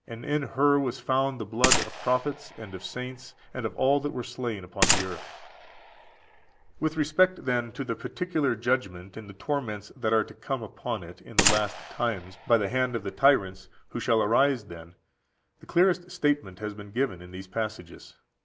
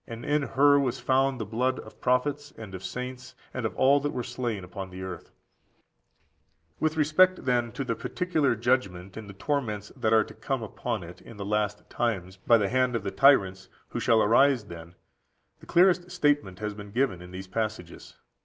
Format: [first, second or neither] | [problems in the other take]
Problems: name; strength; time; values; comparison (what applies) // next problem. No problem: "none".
second | background sound (Gunshot, gunfire); 3 dB below the speech